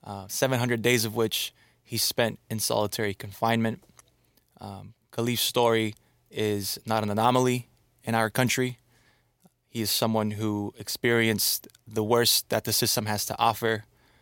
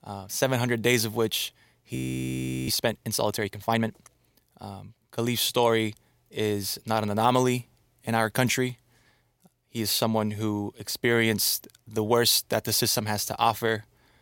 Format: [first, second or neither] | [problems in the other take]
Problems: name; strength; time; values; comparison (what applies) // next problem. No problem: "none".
first | audio freezing; at 2 s for 0.5 s